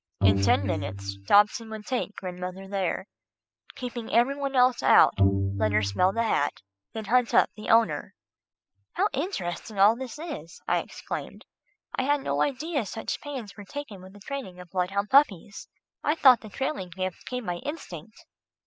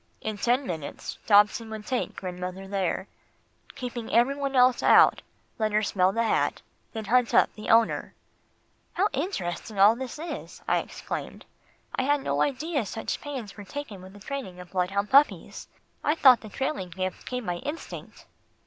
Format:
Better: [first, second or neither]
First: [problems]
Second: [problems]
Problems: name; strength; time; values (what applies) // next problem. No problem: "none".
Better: second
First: noise reduction (classical method spectral subtraction)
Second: none